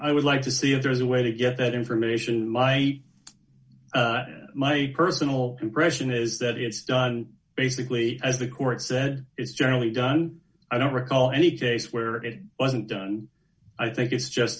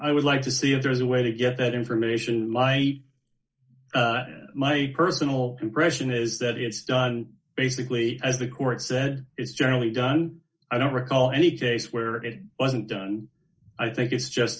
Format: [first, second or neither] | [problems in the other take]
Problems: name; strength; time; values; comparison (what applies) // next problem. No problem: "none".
first | noise reduction (neural mask model Resemble Enhance denoiser)